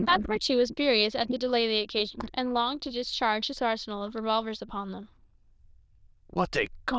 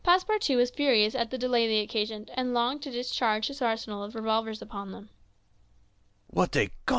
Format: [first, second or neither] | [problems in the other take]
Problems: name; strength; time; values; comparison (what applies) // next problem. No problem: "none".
second | noise reduction (neural diffusion model UNIVERSE++)